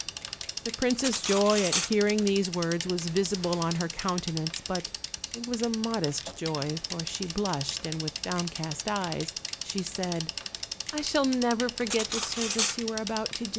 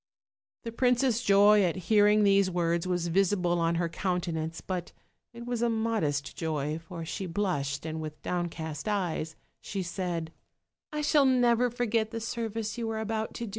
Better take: second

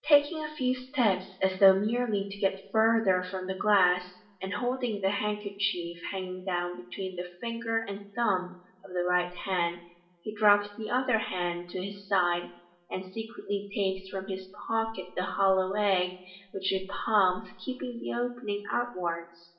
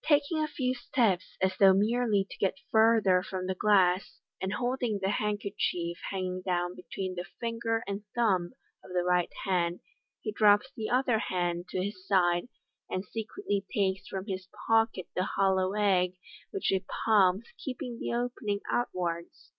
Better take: second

